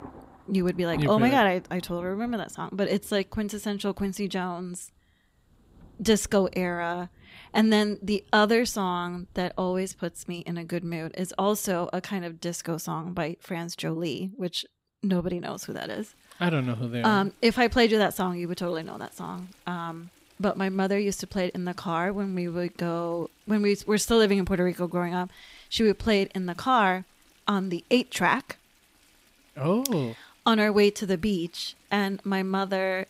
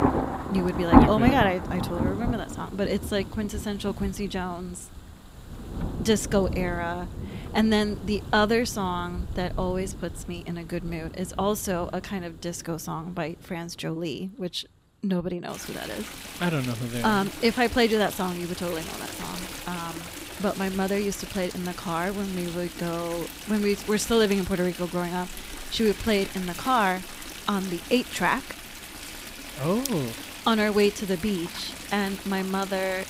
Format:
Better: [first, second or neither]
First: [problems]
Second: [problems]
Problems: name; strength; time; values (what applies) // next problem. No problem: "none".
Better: first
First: rain or running water; faint; throughout; 30 dB below the speech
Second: rain or running water; loud; throughout; 6 dB below the speech